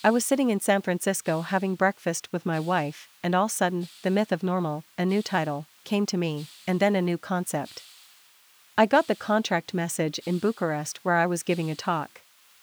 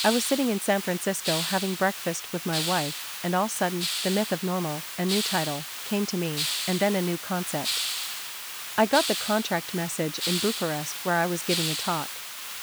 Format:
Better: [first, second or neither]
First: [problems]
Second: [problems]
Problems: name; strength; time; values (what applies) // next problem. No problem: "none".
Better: first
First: hiss; faint; throughout; 25 dB below the speech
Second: hiss; loud; throughout; 2 dB below the speech